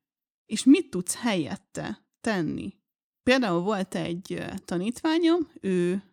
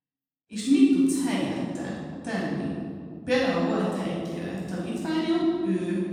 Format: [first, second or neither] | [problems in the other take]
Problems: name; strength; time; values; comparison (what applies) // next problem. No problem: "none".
first | off-mic speech; far // room echo; strong; dies away in 1.9 s